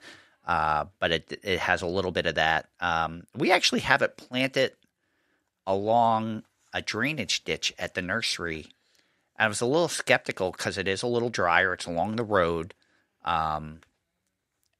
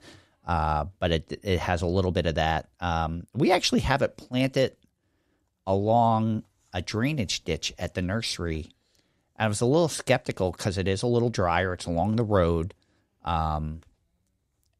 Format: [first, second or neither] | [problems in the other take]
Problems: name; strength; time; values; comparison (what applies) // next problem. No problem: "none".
second | thin; very slightly; fading below 350 Hz